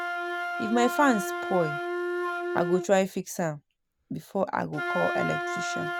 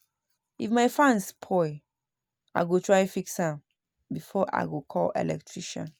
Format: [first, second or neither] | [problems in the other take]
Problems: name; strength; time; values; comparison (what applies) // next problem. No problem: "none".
second | background sound (Wind instrument, woodwind instrument); 3 dB below the speech